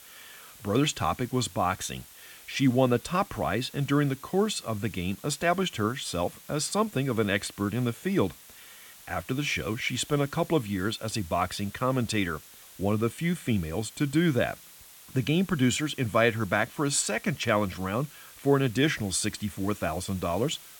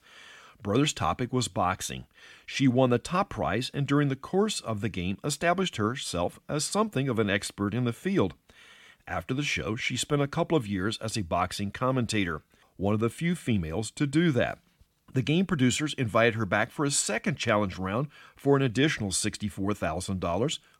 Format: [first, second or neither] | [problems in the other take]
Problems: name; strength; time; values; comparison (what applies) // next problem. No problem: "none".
second | hiss; noticeable; throughout; 20 dB below the speech